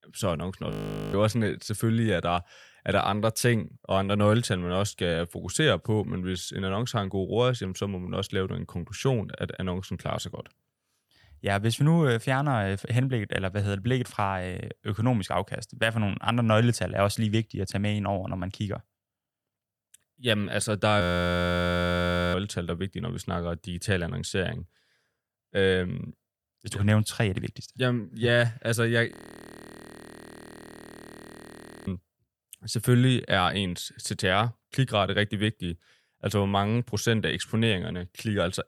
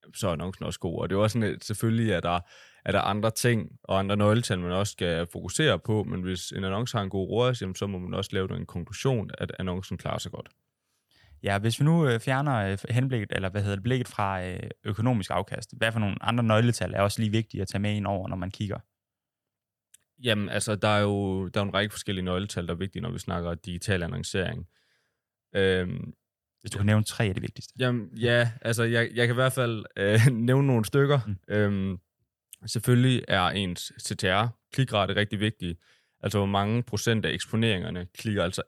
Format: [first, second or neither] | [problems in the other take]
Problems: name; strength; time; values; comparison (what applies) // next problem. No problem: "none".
second | audio freezing; at 0.5 s, at 21 s for 1.5 s and at 29 s for 3 s